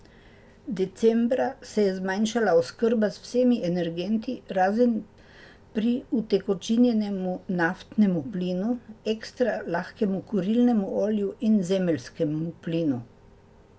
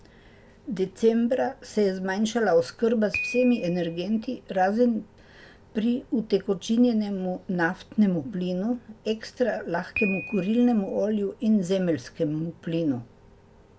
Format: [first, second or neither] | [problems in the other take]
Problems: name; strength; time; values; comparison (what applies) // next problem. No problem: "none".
first | background sound (Piano); 17 dB below the speech